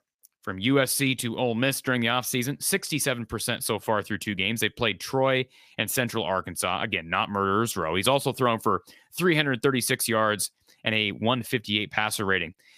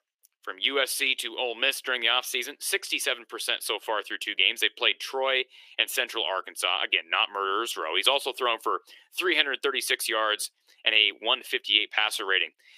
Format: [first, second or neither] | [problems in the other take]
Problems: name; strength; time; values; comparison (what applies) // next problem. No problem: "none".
first | thin; very; fading below 350 Hz